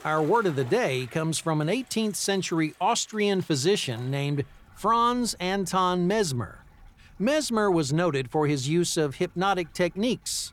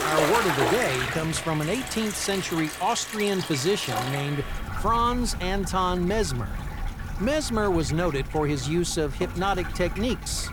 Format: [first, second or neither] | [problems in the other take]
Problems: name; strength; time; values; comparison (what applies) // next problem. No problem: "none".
first | household noises; loud; throughout; 5 dB below the speech; faint in the first